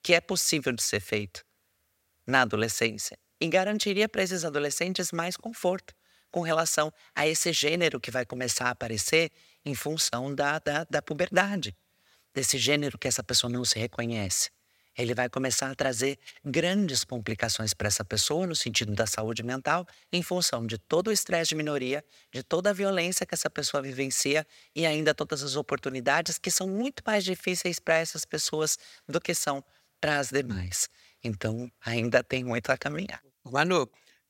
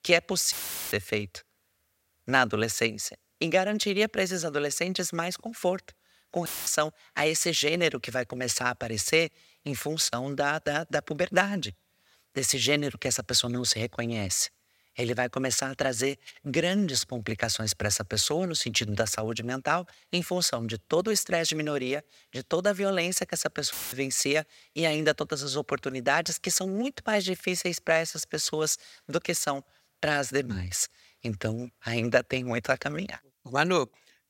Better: first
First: none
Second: audio cutting out; filled with static; at 0.5 s, at 6.5 s and at 24 s

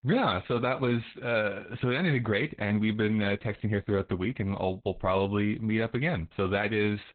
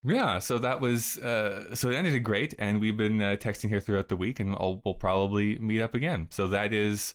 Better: second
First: garbled, watery; badly; nothing above 4 kHz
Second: garbled, watery; slightly

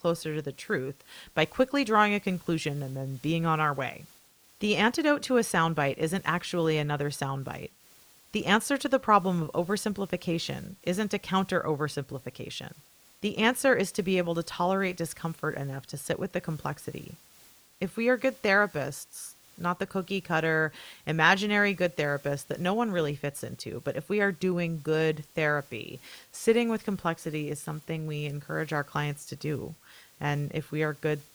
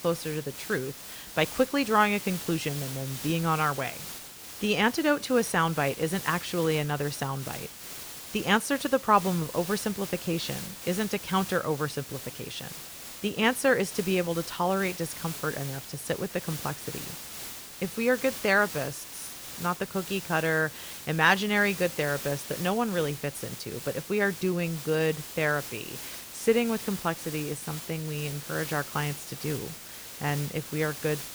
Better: first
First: hiss; faint; throughout; 25 dB below the speech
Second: hiss; loud; throughout; 10 dB below the speech

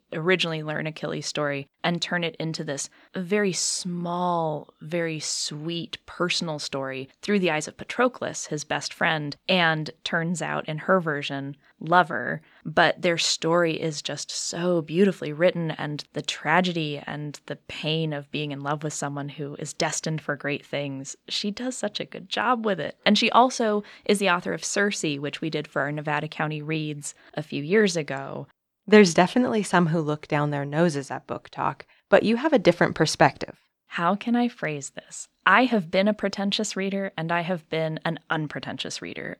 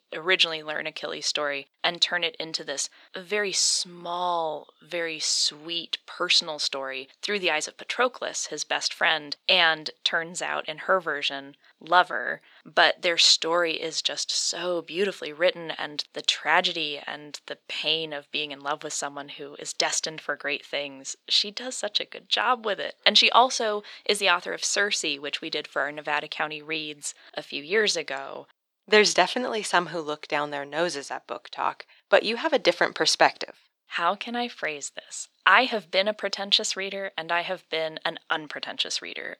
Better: first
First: none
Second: thin; somewhat; fading below 450 Hz

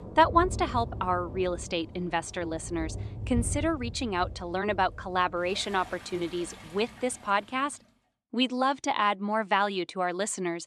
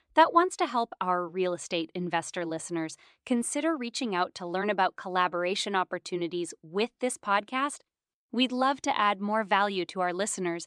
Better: second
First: rain or running water; noticeable; until 7.5 s; 10 dB below the speech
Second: none

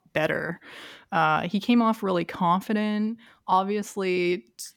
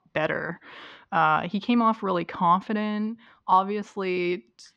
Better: first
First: none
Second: muffled; slightly; fading above 4.5 kHz

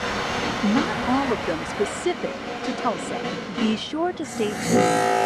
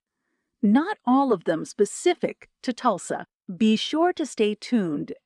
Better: second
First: train or aircraft noise; very loud; throughout; 1 dB above the speech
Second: none

